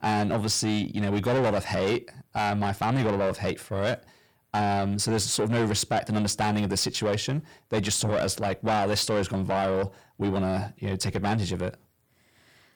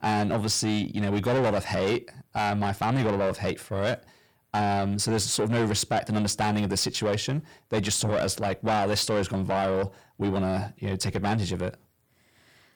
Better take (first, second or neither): neither